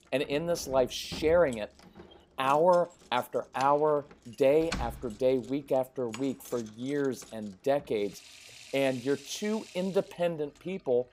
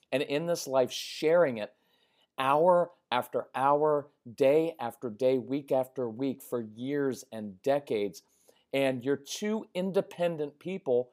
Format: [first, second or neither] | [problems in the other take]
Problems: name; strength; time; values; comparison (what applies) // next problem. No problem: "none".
second | household noises; noticeable; throughout; 15 dB below the speech